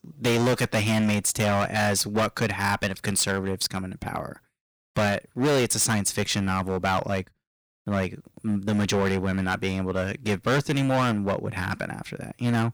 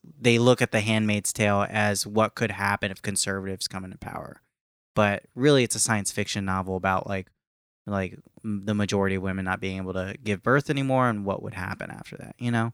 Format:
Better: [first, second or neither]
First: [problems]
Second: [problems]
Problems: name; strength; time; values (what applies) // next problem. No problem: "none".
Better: second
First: distortion; heavy; 13% of the sound clipped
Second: none